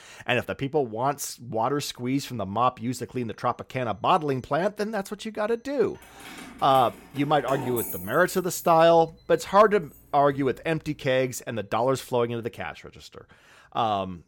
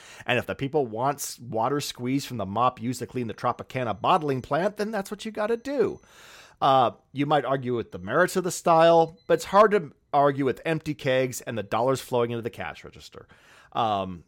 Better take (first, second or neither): second